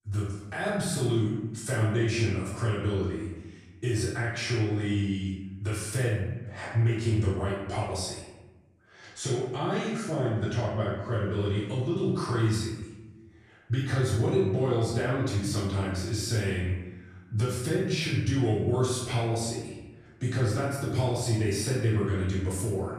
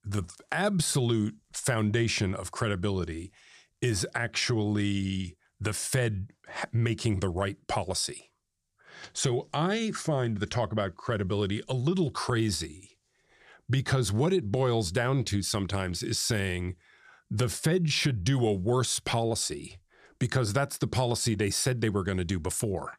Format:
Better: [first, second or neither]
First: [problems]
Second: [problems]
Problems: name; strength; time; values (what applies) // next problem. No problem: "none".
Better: second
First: off-mic speech; far // room echo; noticeable; dies away in 1 s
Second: none